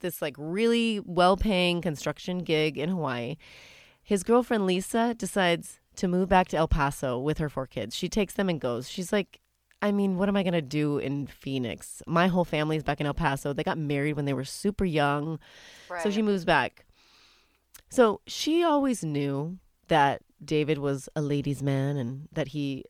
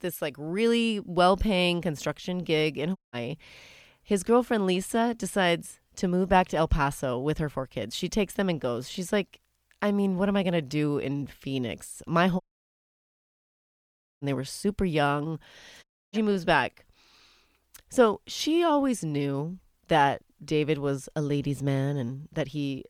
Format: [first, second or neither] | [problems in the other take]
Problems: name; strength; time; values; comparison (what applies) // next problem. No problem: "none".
first | audio cutting out; at 3 s, at 12 s for 2 s and at 16 s